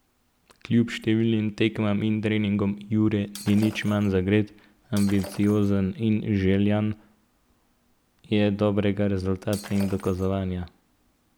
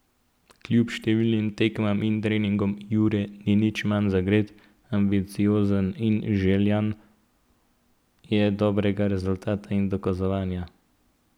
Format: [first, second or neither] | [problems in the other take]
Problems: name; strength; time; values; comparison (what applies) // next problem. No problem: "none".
second | background sound (Shatter); 19 dB below the speech